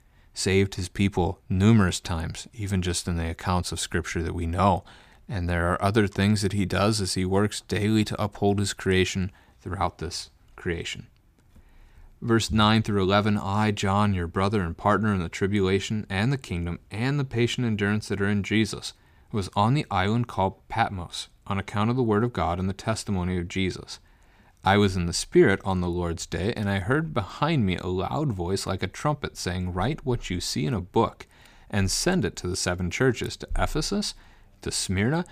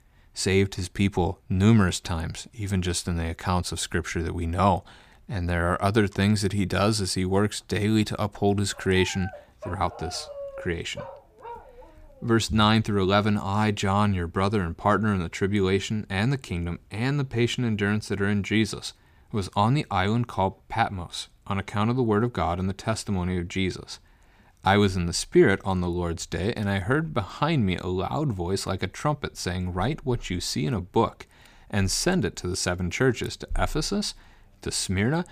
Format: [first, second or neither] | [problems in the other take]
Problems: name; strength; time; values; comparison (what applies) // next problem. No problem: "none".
first | dog barking; faint; from 8.5 to 12 s; peak 10 dB below the speech